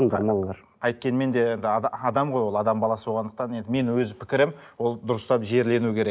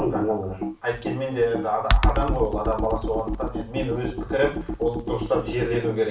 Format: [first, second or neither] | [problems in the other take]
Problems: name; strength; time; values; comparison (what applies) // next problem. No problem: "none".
first | background sound (Computer keyboard); 2 dB below the speech // room echo; dies away in 0.3 s